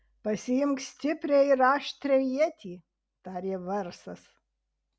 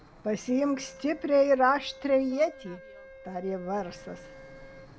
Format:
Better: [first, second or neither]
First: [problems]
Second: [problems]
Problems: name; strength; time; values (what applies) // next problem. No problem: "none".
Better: first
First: none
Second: background sound (Wind instrument, woodwind instrument + Fixed-wing aircraft, airplane); 19 dB below the speech